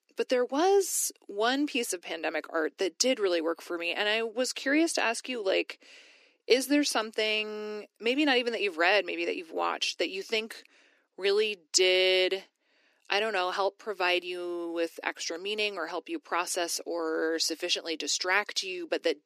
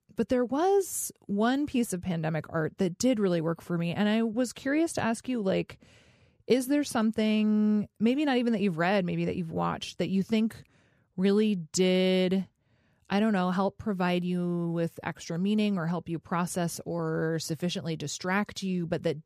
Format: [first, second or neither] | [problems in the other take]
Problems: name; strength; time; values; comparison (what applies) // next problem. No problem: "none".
second | thin; somewhat; fading below 300 Hz